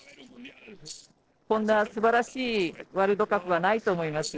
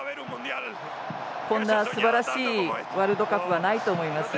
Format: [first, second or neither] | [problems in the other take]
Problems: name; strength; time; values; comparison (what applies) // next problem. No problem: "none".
second | noise reduction (neural separator model SepFormer DNS4)